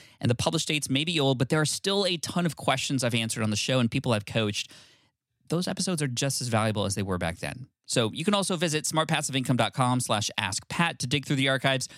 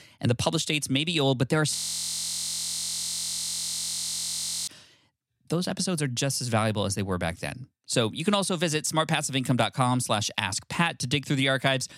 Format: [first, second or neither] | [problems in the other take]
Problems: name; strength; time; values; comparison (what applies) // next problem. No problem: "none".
first | audio freezing; at 2 s for 3 s